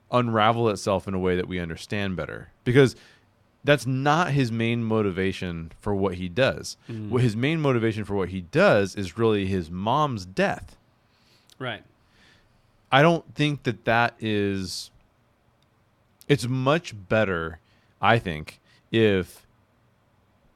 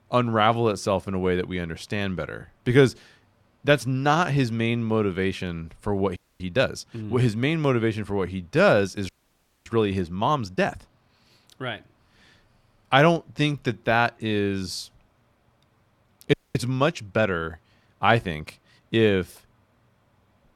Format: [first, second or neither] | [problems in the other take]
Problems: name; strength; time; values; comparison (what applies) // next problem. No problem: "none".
first | audio freezing; at 6 s, at 9 s for 0.5 s and at 16 s